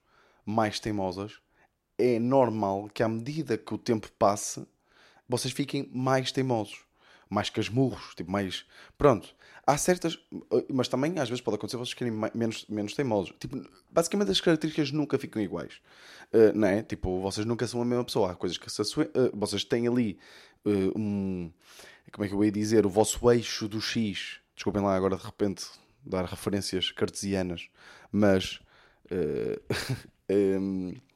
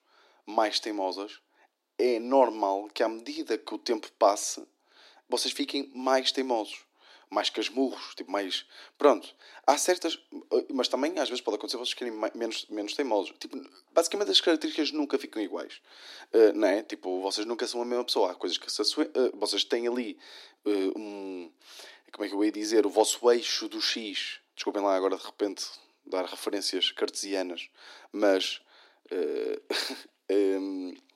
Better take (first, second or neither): first